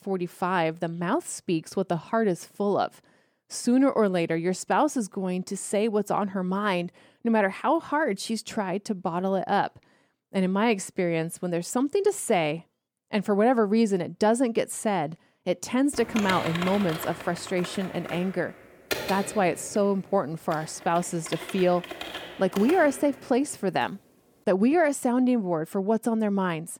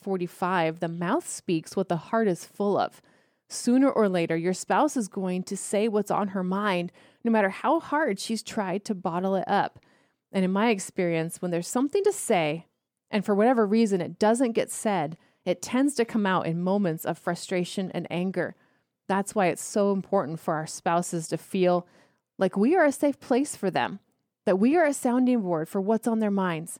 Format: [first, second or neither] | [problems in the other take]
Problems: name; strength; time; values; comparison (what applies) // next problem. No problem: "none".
second | keyboard typing; noticeable; from 16 to 23 s; peak 4 dB below the speech